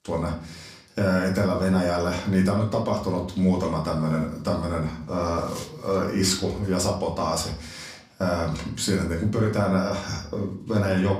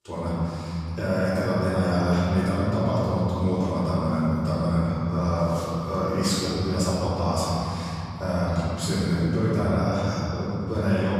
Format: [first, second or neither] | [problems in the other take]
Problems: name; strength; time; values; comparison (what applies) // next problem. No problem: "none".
first | room echo; strong; dies away in 3 s; slight in the first // off-mic speech; far; far in the first